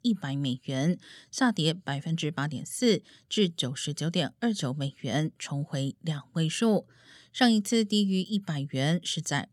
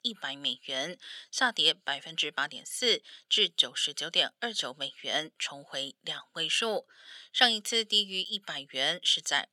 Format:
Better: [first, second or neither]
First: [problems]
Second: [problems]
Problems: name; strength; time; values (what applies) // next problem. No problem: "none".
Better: first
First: none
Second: thin; very; fading below 600 Hz